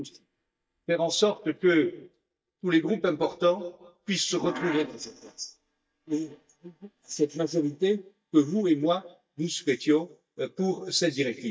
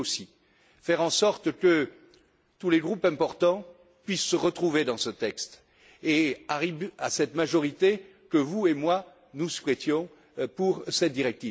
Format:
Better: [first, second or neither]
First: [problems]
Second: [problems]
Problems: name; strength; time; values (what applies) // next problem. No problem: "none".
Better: second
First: noise reduction (neural mask model DeepFilterNet 3)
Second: none